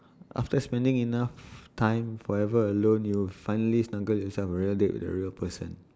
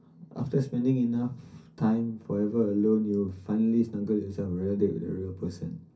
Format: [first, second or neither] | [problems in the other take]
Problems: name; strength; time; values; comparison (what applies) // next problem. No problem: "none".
first | room echo; dies away in 0.3 s